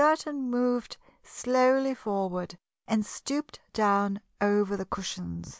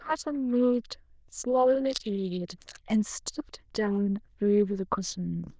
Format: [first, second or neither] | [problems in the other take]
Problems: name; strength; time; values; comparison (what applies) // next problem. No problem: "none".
first | noise reduction (neural diffusion model UNIVERSE++)